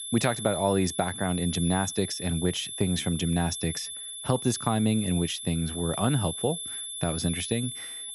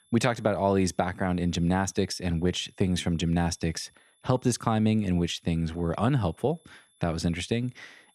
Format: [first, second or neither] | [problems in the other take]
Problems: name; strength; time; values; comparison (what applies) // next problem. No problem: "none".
second | high-pitched whine; loud; throughout; 11 kHz, 6 dB below the speech; faint in the second